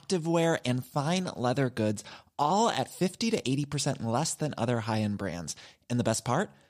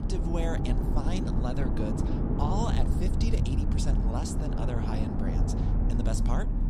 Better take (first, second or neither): first